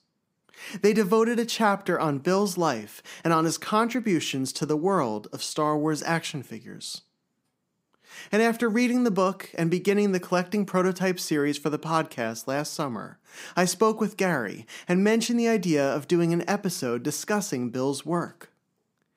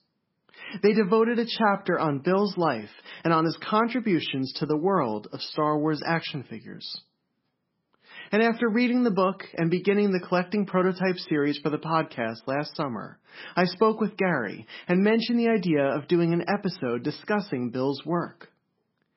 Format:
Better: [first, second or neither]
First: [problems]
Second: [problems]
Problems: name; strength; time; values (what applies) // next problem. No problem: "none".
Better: first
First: none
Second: garbled, watery; badly; nothing above 5.5 kHz